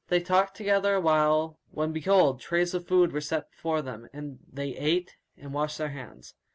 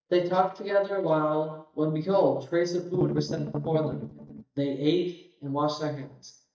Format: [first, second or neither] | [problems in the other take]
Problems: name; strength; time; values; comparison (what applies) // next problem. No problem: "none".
first | noise reduction (neural mask model DeepFilterNet 3)